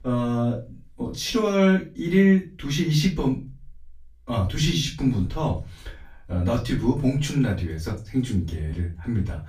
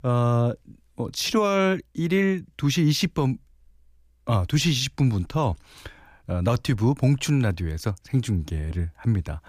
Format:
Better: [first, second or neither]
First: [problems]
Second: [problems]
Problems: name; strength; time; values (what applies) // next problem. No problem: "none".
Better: second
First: off-mic speech; far // room echo; slight; dies away in 0.3 s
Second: none